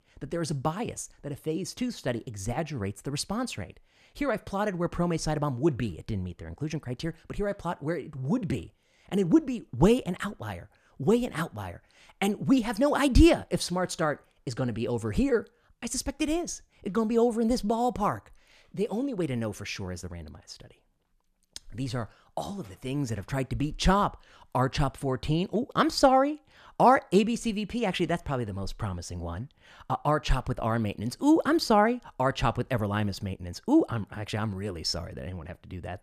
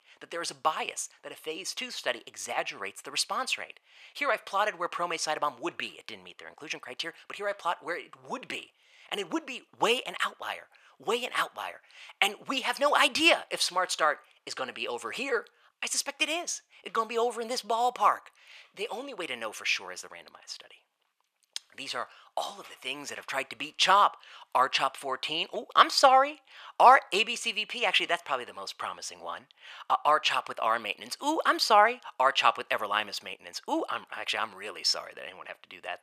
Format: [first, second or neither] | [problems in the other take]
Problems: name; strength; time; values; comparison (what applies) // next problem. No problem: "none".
first | thin; very; fading below 750 Hz